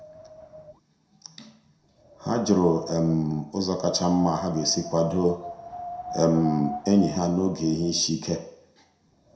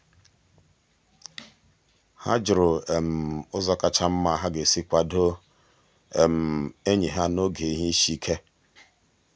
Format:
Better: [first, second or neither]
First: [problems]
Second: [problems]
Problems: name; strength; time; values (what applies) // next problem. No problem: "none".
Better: second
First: background sound (Wind); 14 dB below the speech // room echo; dies away in 0.5 s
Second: none